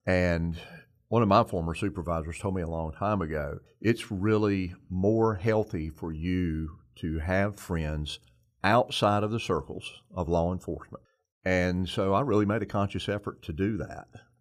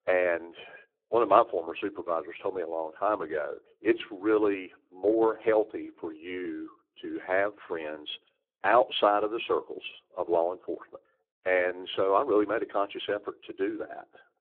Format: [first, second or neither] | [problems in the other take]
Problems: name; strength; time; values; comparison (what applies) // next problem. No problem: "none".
first | phone-call audio; poor line; nothing above 3.5 kHz